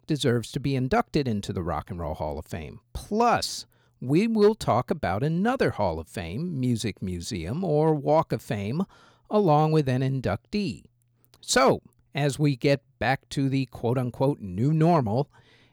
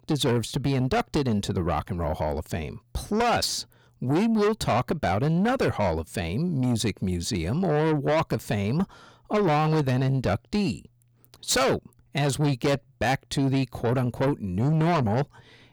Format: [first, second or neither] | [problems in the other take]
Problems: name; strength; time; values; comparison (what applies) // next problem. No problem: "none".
first | distortion; heavy; 7 dB below the speech